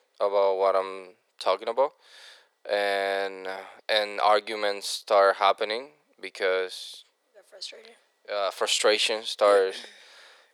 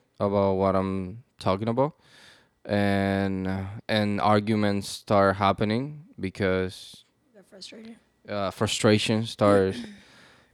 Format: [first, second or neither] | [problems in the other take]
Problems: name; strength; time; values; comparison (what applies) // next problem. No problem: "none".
second | thin; very; fading below 500 Hz